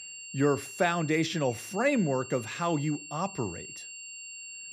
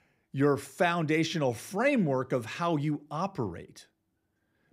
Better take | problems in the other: second | high-pitched whine; noticeable; throughout; 3 kHz, 10 dB below the speech

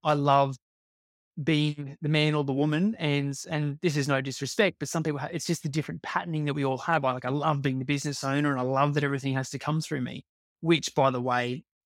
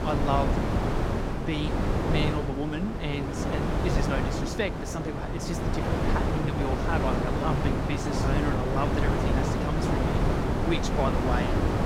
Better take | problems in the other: first | wind noise on the microphone; heavy; 2 dB above the speech

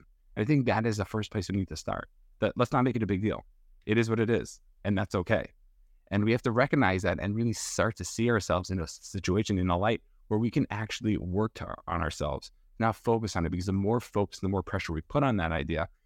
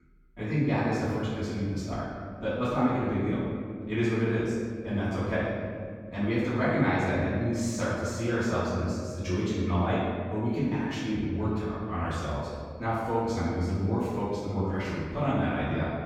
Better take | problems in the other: first | off-mic speech; far // room echo; strong; dies away in 2 s

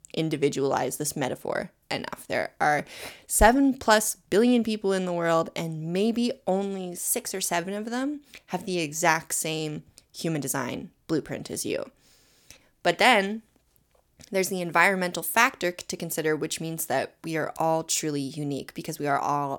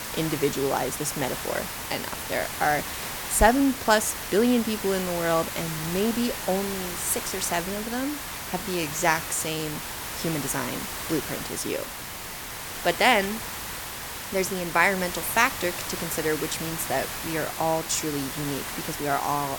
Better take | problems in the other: first | hiss; loud; throughout; 6 dB below the speech

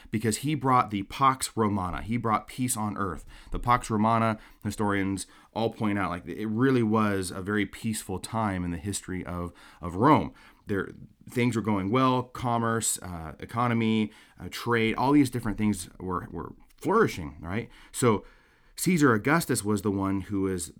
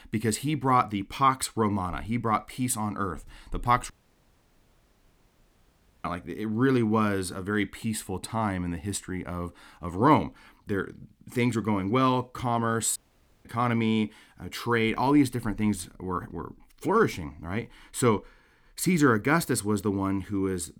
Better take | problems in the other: first | audio cutting out; at 4 s for 2 s and at 13 s

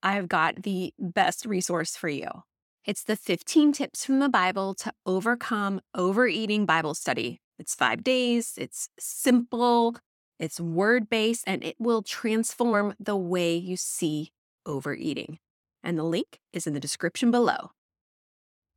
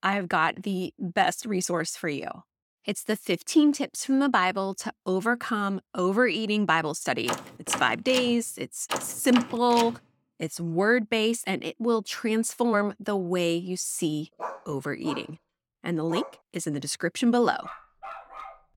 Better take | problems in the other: first | door banging; noticeable; from 7.5 to 10 s; peak 6 dB below the speech // dog barking; faint; from 14 to 16 s and at 18 s; peak 10 dB below the speech

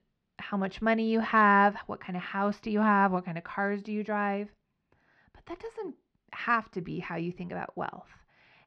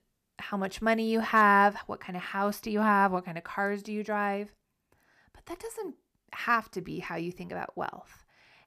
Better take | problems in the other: second | muffled; very slightly; fading above 4 kHz

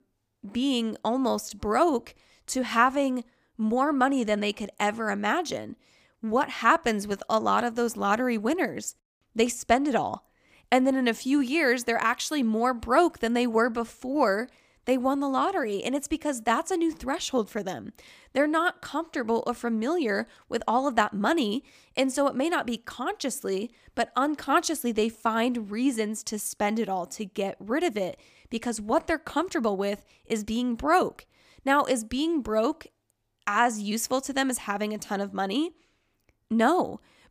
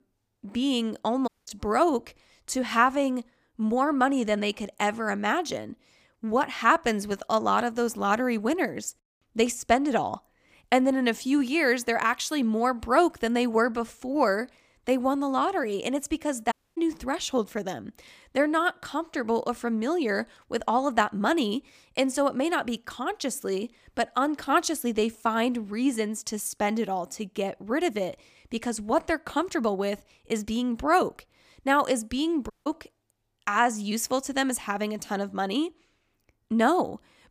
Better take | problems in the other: first | audio cutting out; at 1.5 s, at 17 s and at 33 s

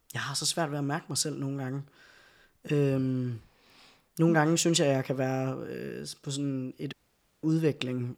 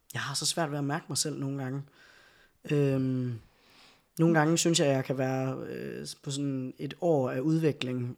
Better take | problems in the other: second | audio cutting out; at 7 s for 0.5 s

